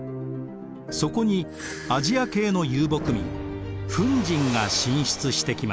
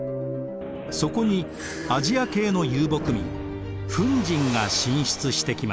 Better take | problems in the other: first | background sound (Subway, metro, underground + Keyboard (musical)); 13 dB below the speech

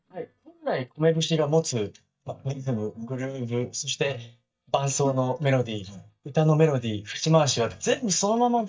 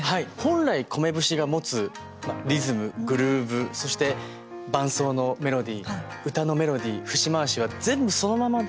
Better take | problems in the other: second | noise reduction (neural mask model DeepFilterNet 3)

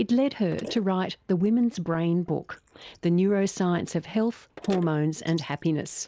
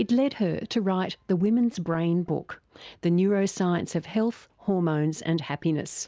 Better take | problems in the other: second | noise reduction (neural mask model Resemble Enhance denoiser)

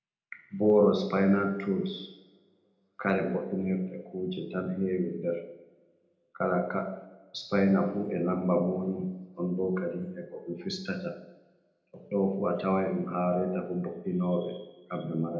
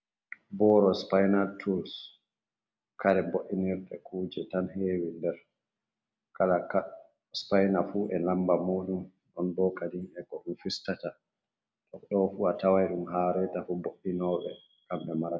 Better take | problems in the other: second | room echo; dies away in 0.7 s

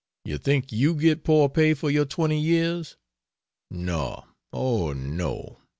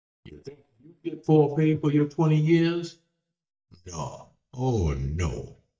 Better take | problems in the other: first | noise reduction (neural mask model DeepFilterNet 3)

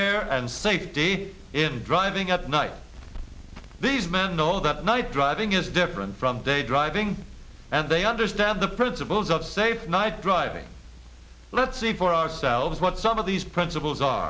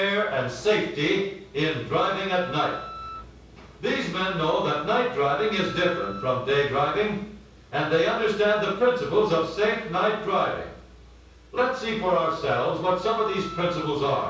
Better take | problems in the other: first | background sound (Wind instrument, woodwind instrument); 14 dB below the speech // room echo; dies away in 0.6 s

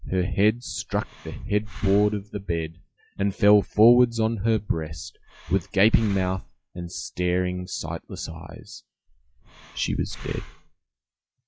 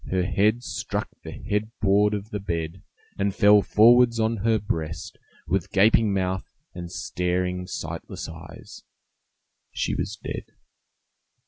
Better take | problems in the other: second | noise reduction (classical method log-MMSE)

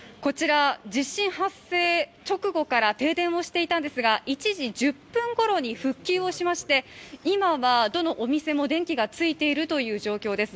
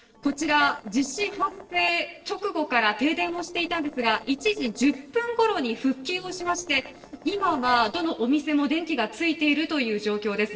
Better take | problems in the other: first | noise reduction (neural separator model SepFormer DNS4)

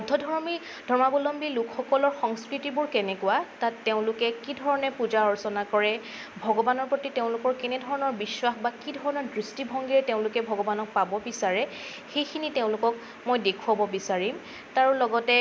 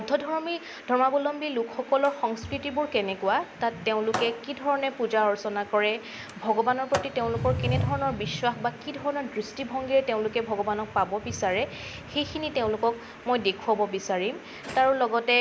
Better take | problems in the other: first | background sound (Sliding door); 11 dB below the speech

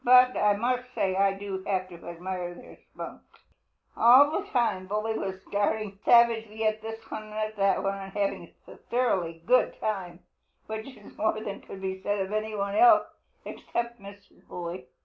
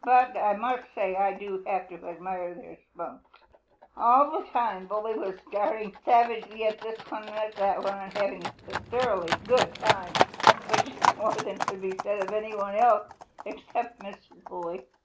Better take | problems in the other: first | background sound (Livestock, farm animals, working animals); 5 dB below the speech

